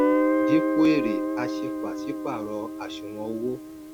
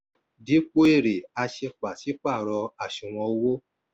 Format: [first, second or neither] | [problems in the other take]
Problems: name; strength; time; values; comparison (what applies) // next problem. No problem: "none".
second | background sound (Guitar); 4 dB above the speech